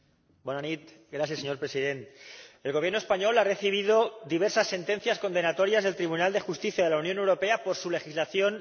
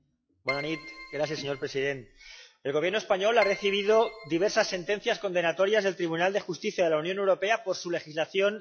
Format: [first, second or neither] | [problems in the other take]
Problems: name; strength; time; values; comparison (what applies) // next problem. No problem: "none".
first | noise reduction (classical method log-MMSE)